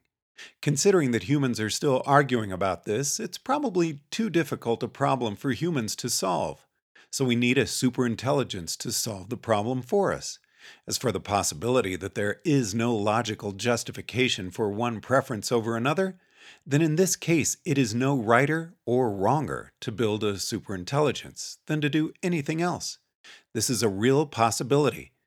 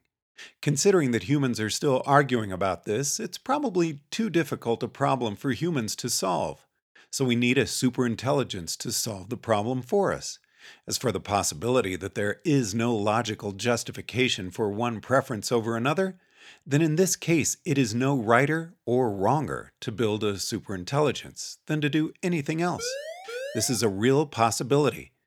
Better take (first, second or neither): first